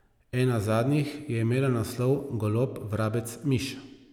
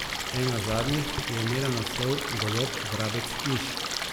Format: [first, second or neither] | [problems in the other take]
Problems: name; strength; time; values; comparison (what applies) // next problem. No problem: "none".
first | background sound (Stream); 1 dB below the speech